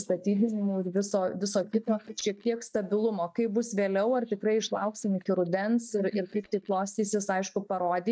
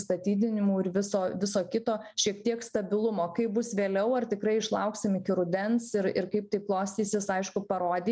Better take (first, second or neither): second